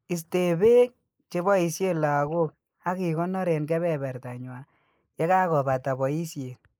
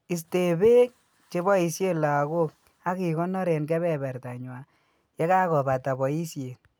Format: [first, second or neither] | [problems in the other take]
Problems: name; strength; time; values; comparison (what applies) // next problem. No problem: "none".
second | noise reduction (neural mask model Resemble Enhance denoiser)